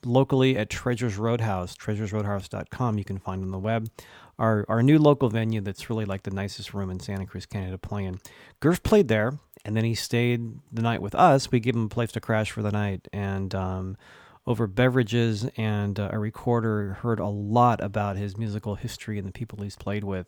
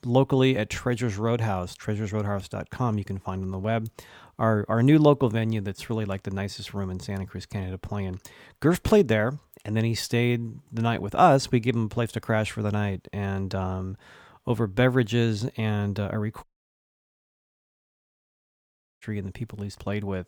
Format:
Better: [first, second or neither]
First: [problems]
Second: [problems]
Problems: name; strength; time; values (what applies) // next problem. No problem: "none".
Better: first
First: none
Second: audio cutting out; at 16 s for 2.5 s